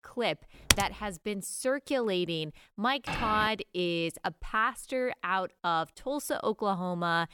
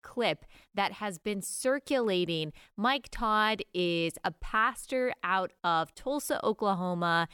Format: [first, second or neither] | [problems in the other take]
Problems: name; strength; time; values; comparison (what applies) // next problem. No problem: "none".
second | keyboard typing; loud; at 0.5 s; peak 5 dB above the speech // footsteps; noticeable; at 3 s; peak 3 dB below the speech